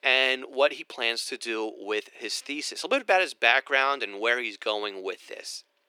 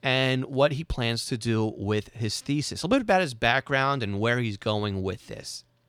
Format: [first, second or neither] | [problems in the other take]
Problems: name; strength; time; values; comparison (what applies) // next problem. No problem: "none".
second | thin; very; fading below 350 Hz